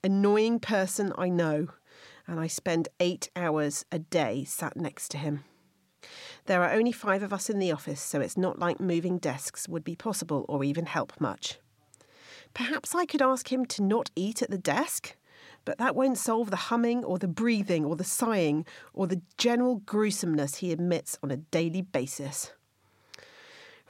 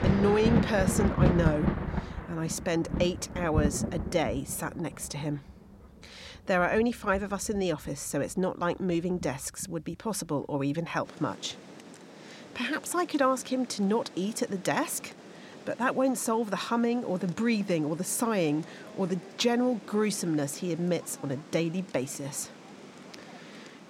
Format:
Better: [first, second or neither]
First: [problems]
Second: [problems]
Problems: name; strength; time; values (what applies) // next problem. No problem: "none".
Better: first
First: none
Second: rain or running water; loud; throughout; 3 dB below the speech